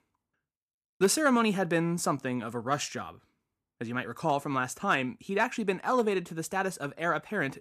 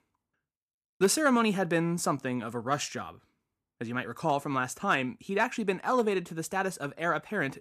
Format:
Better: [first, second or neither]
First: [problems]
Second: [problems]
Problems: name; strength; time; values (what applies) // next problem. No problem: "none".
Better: neither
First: none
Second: none